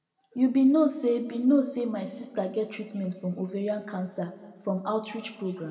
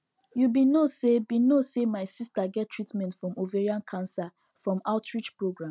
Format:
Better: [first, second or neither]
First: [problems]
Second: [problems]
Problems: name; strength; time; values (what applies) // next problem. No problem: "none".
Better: second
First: room echo; dies away in 1.5 s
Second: none